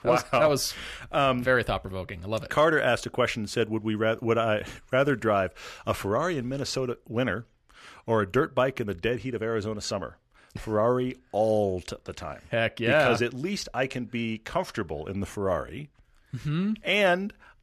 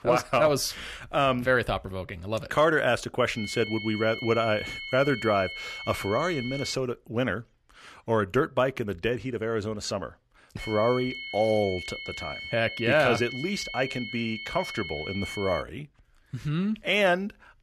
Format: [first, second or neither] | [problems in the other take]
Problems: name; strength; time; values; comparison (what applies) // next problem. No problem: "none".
first | high-pitched whine; loud; from 3.5 to 6.5 s and from 11 to 16 s; 2 kHz, 9 dB below the speech